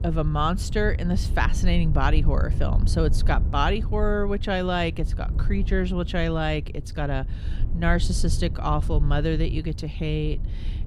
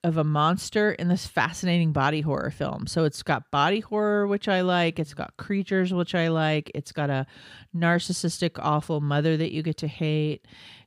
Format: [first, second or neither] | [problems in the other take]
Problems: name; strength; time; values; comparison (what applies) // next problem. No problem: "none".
second | wind noise on the microphone; occasional gusts; 15 dB below the speech